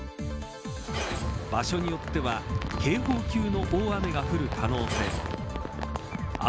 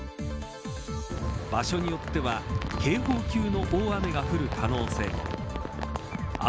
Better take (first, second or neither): second